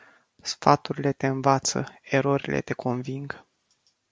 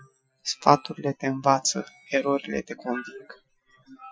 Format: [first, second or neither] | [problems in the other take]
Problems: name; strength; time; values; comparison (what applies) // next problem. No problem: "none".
first | noise reduction (classical method Wiener filter)